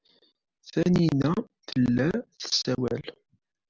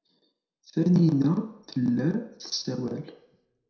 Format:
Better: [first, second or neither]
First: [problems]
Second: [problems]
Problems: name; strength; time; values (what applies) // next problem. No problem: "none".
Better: first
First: none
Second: room echo; dies away in 0.5 s